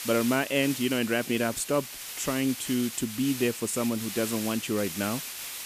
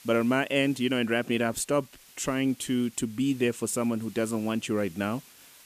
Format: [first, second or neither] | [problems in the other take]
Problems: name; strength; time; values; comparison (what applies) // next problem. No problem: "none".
second | hiss; loud; throughout; 7 dB below the speech; faint in the second